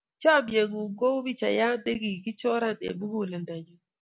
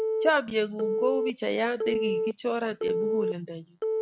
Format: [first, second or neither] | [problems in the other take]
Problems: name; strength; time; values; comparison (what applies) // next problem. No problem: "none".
first | background sound (Telephone); as loud as the speech